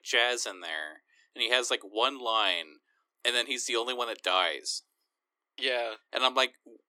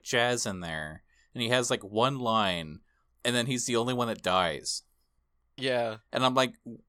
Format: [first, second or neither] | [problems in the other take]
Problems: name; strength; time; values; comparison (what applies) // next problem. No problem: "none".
second | thin; somewhat; fading below 300 Hz